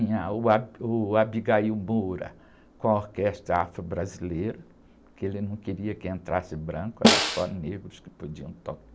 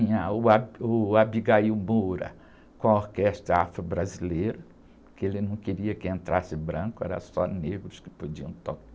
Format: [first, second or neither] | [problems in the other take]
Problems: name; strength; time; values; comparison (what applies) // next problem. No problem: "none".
second | background sound (Snare drum); 4 dB above the speech